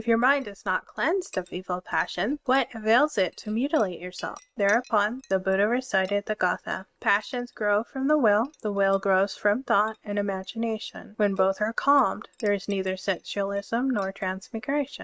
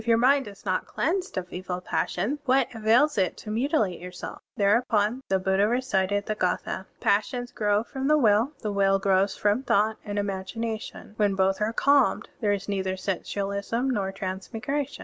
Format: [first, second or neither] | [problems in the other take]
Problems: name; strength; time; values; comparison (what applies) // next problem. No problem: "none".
second | noise reduction (neural mask model RNNoise)